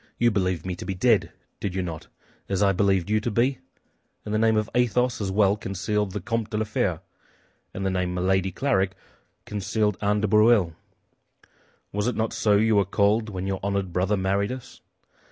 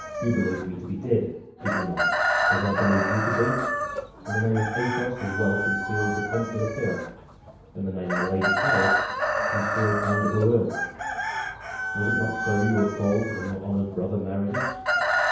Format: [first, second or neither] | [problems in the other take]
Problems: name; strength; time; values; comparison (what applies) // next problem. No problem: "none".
first | background sound (Chicken, rooster); as loud as the speech // room echo; dies away in 0.9 s